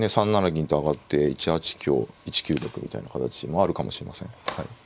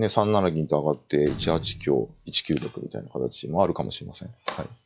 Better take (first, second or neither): first